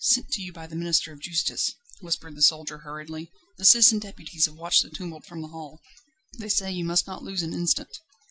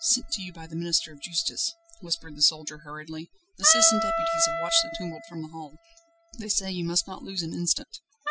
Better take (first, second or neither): first